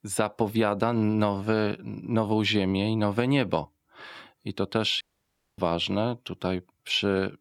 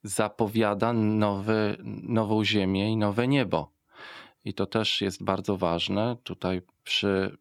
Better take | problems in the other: second | audio cutting out; at 5 s for 0.5 s

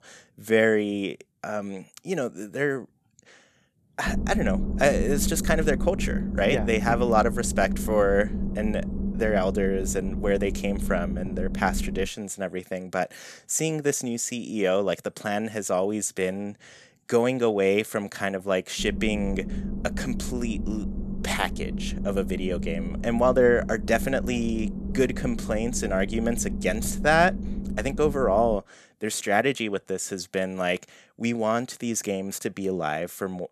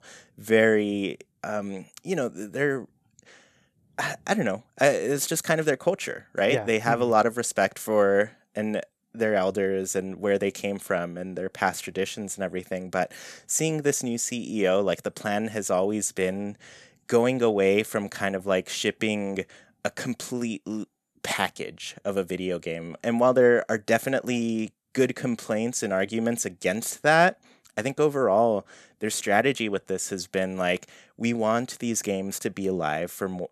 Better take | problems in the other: second | low rumble; noticeable; from 4 to 12 s and from 19 to 29 s; 15 dB below the speech

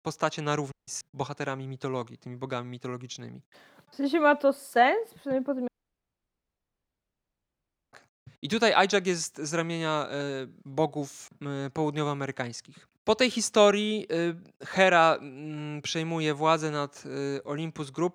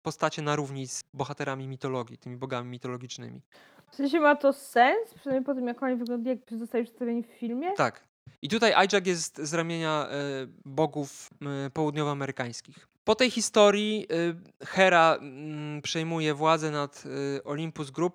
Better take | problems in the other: second | audio cutting out; at 0.5 s and at 5.5 s for 2.5 s

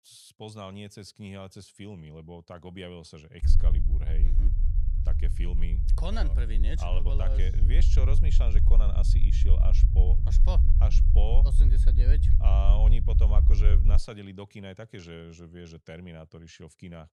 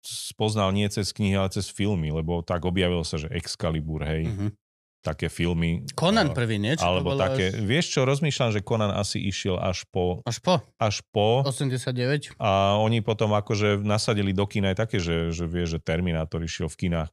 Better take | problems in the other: second | low rumble; loud; from 3.5 to 14 s; 3 dB below the speech

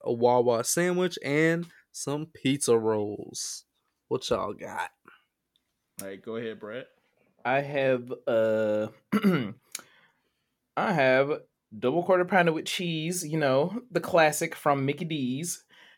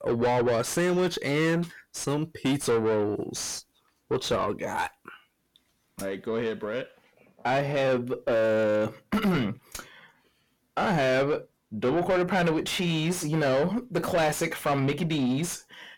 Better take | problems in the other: first | distortion; heavy; 6 dB below the speech

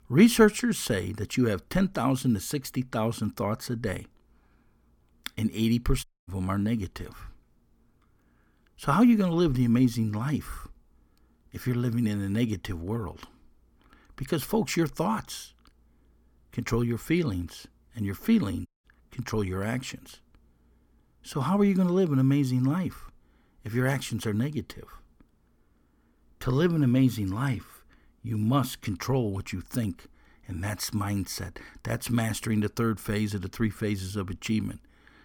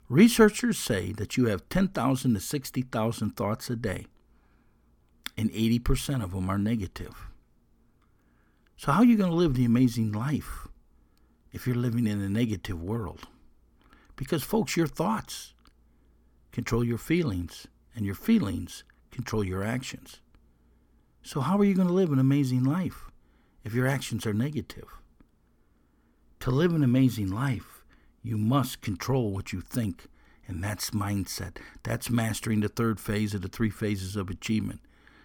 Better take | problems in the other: second | audio cutting out; at 6 s and at 19 s

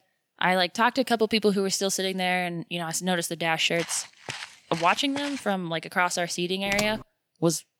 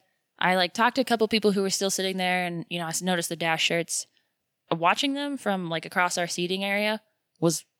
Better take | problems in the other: second | footsteps; faint; from 4 to 5.5 s; peak 10 dB below the speech // keyboard typing; noticeable; at 6.5 s; peak 6 dB below the speech

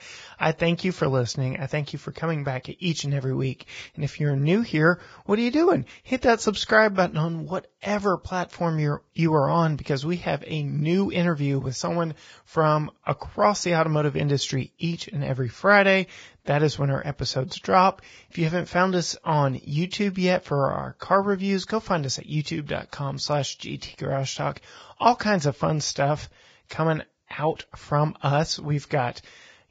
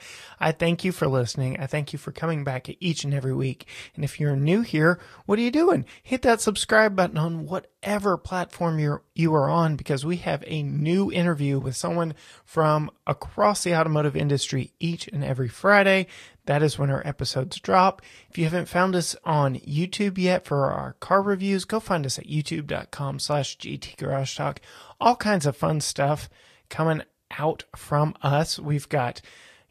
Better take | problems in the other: second | garbled, watery; badly; nothing above 7.5 kHz; slightly in the second

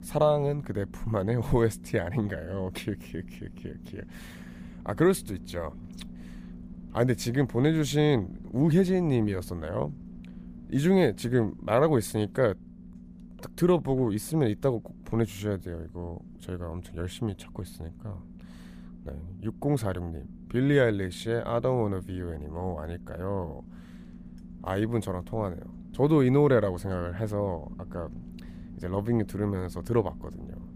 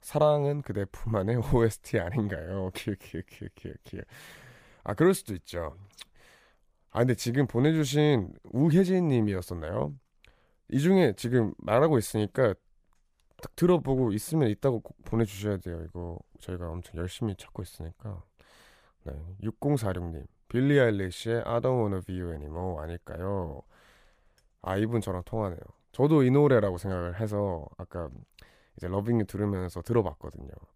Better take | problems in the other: second | low rumble; faint; throughout; 20 dB below the speech

